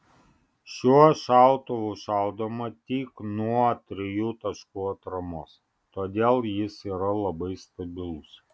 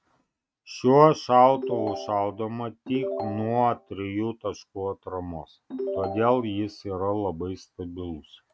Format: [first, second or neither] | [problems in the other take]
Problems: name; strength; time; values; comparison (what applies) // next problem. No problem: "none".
first | noise reduction (neural mask model RNNoise)